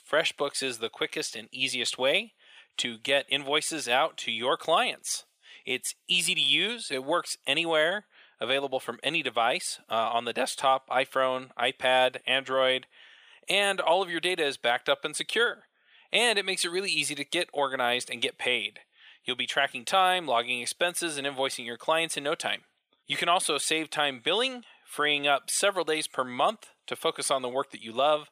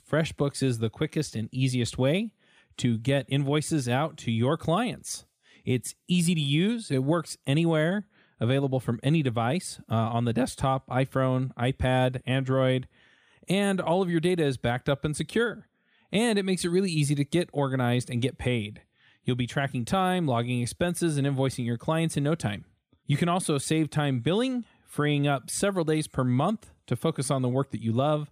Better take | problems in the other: second | thin; very; fading below 650 Hz

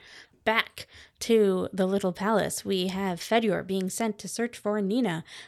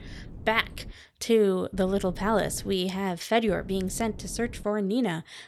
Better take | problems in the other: first | wind noise on the microphone; occasional gusts; at the start, from 1.5 to 2.5 s and from 3.5 to 4.5 s; 25 dB below the speech

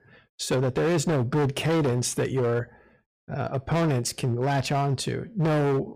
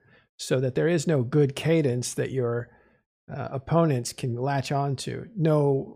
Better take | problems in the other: second | distortion; heavy; 18% of the sound clipped

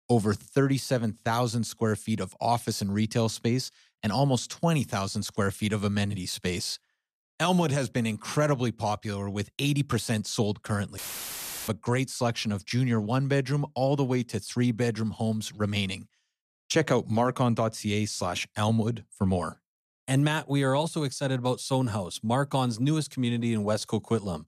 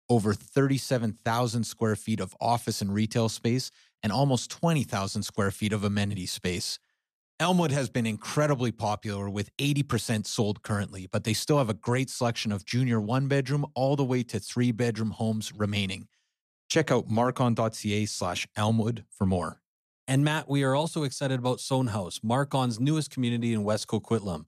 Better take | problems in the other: second | audio cutting out; filled with static; at 11 s for 0.5 s

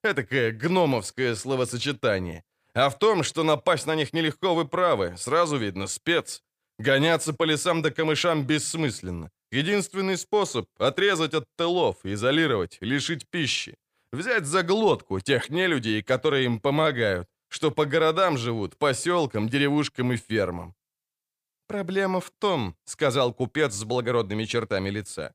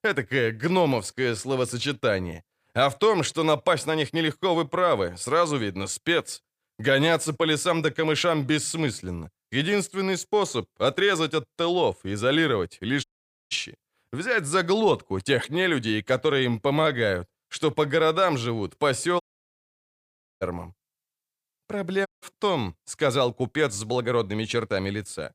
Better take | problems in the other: first | audio cutting out; at 13 s, at 19 s for 1 s and at 22 s

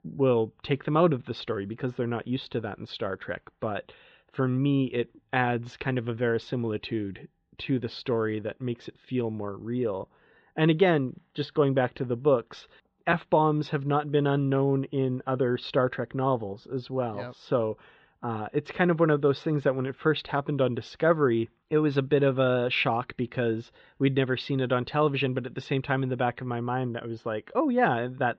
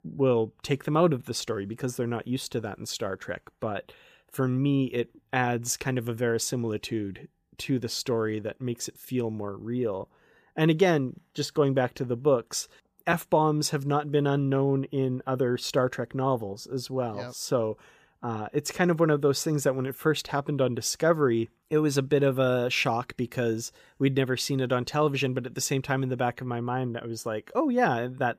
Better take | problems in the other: second | muffled; very; fading above 3.5 kHz

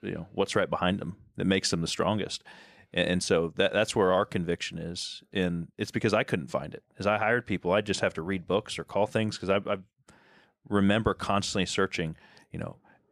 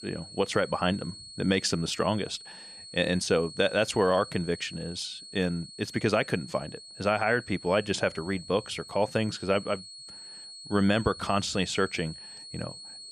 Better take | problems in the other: first | high-pitched whine; noticeable; throughout; 4.5 kHz, 15 dB below the speech

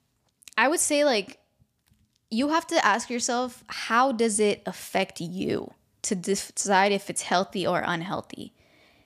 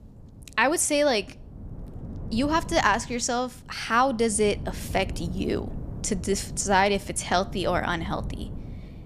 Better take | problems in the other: first | wind noise on the microphone; occasional gusts; 25 dB below the speech

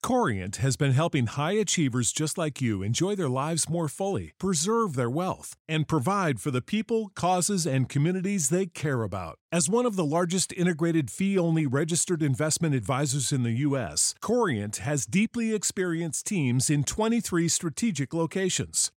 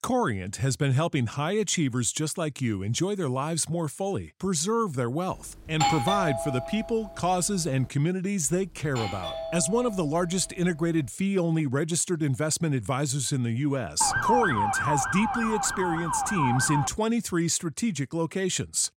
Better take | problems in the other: first | doorbell; loud; from 5.5 to 7 s; peak 2 dB above the speech // doorbell; noticeable; from 8.5 to 11 s; peak 7 dB below the speech // siren; loud; from 14 to 17 s; peak 3 dB above the speech

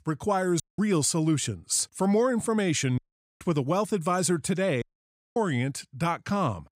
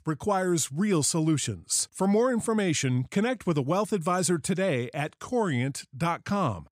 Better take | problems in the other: second | audio cutting out; at 0.5 s, at 3 s and at 5 s for 0.5 s

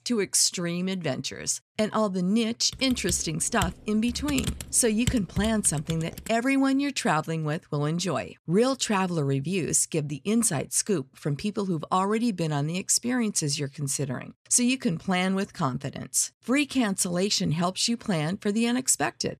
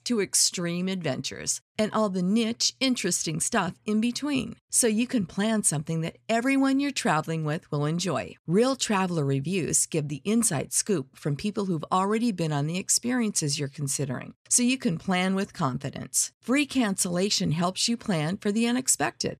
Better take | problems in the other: second | keyboard typing; noticeable; from 2.5 to 6.5 s; peak 5 dB below the speech

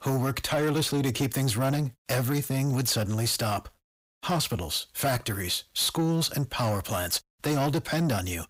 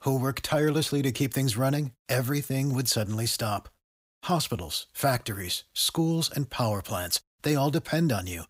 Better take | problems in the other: second | distortion; slight; 10 dB below the speech

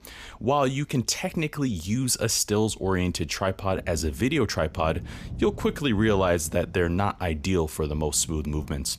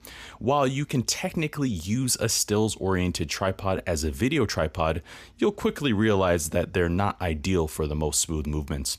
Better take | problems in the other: second | rain or running water; noticeable; throughout; 15 dB below the speech

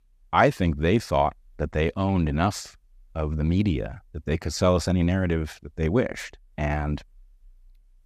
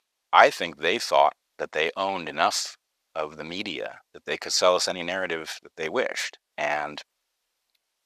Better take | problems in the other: first | thin; very; fading below 650 Hz

